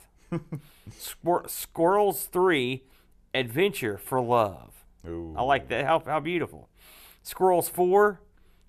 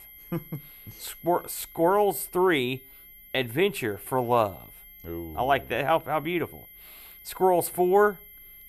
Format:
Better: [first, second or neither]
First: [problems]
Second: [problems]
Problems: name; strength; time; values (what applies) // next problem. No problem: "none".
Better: first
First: none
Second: high-pitched whine; faint; throughout; 11.5 kHz, 20 dB below the speech